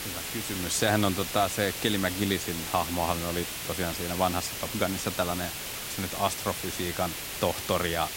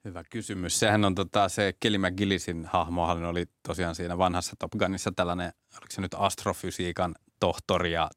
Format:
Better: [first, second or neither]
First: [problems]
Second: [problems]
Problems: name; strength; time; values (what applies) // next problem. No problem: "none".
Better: second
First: hiss; loud; throughout; 4 dB below the speech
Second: none